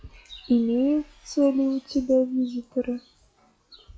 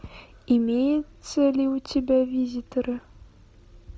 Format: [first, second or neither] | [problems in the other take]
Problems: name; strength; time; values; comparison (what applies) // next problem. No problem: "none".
second | noise reduction (classical method log-MMSE)